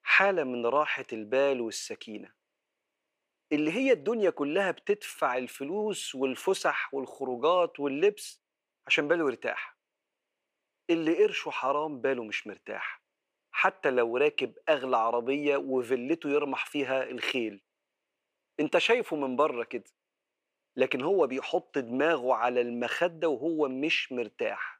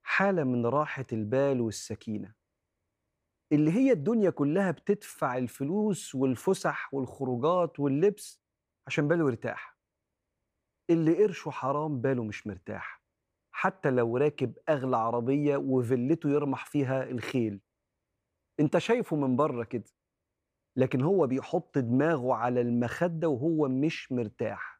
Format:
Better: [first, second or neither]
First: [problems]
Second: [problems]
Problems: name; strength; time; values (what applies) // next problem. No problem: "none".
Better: second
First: thin; somewhat; fading below 400 Hz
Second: none